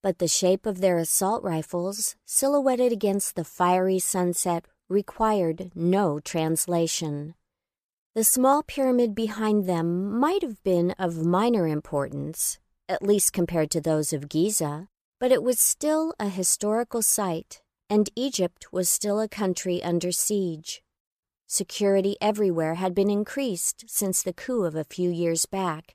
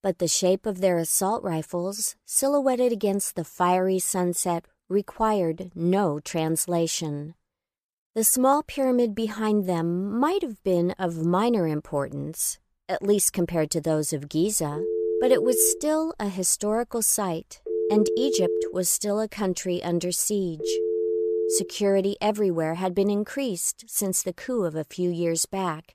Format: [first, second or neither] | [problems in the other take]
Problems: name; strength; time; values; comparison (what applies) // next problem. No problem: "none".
first | phone ringing; noticeable; from 15 to 22 s; peak level with the speech